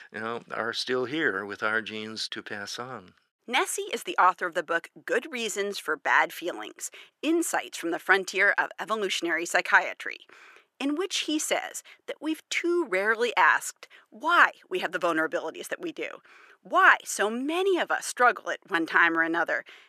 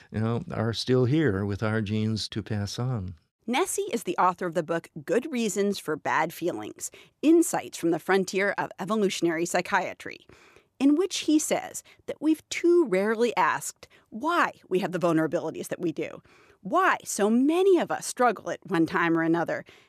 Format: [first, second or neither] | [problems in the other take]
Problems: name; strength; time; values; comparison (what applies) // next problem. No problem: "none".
second | thin; somewhat; fading below 400 Hz